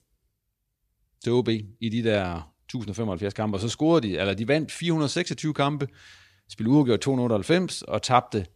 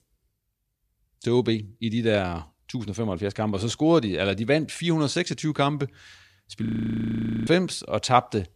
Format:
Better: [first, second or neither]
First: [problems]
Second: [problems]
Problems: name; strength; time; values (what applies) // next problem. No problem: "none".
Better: first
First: none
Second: audio freezing; at 6.5 s for 1 s